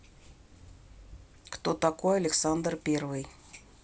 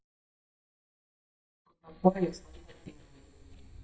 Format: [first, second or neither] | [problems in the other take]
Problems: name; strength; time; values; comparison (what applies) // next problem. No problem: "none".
first | noise reduction (neural mask model DeepFilterNet 3)